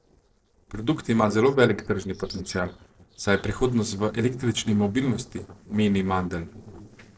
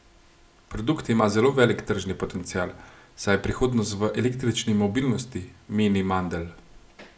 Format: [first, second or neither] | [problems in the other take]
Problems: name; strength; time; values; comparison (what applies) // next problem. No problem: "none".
second | noise reduction (neural separator model SepFormer DNS4)